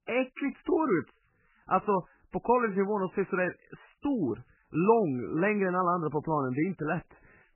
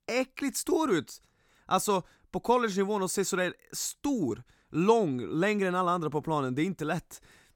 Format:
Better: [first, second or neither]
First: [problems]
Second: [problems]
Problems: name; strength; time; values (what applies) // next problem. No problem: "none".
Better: second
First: garbled, watery; badly; nothing above 2.5 kHz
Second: none